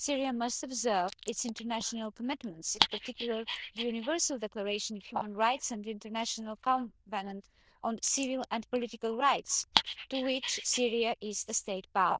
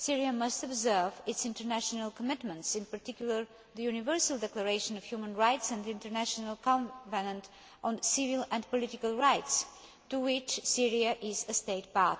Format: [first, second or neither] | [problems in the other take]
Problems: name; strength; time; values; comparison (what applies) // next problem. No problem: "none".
second | noise reduction (neural diffusion model UNIVERSE++)